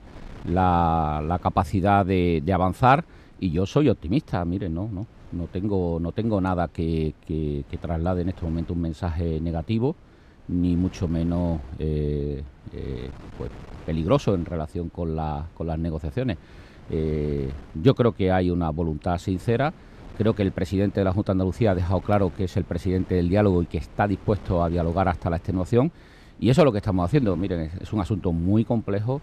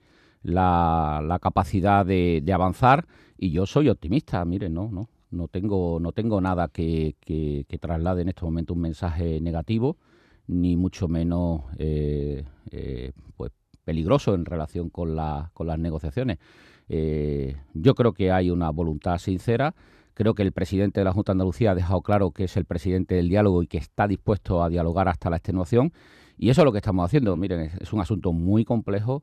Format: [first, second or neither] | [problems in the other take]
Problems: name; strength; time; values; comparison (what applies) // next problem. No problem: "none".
second | wind noise on the microphone; occasional gusts; 25 dB below the speech